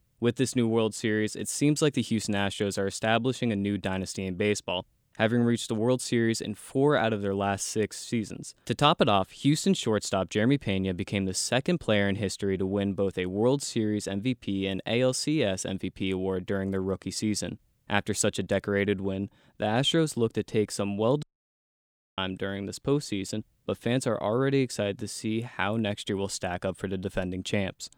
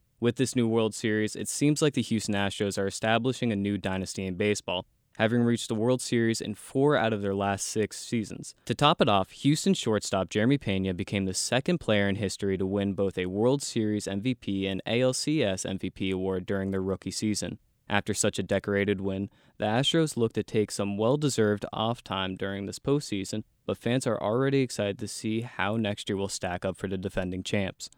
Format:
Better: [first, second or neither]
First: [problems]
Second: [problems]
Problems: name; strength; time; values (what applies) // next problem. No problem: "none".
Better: second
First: audio cutting out; at 21 s for 1 s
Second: none